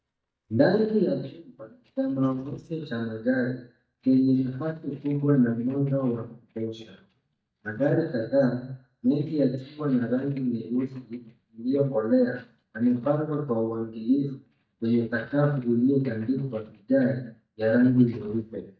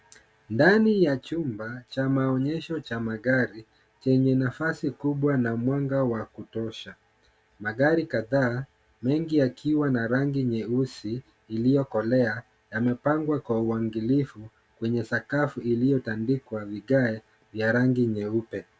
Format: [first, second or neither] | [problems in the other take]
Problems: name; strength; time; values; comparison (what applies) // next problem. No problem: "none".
second | noise reduction (neural mask model DeepFilterNet 3)